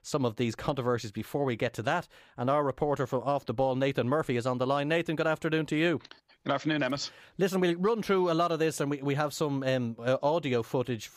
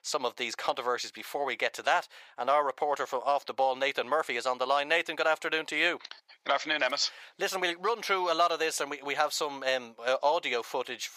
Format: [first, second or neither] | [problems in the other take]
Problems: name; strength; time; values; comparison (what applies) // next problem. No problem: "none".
first | thin; very; fading below 700 Hz